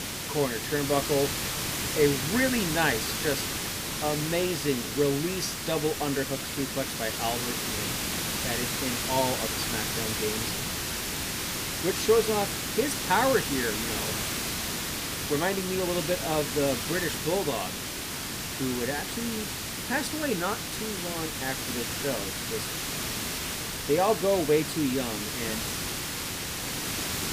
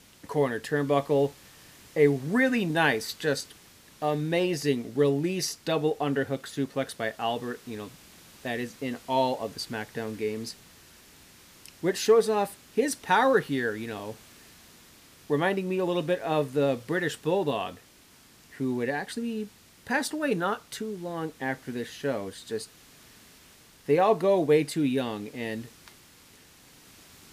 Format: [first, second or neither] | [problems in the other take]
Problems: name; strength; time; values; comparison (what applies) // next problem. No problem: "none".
second | hiss; loud; throughout; 1 dB below the speech; faint in the second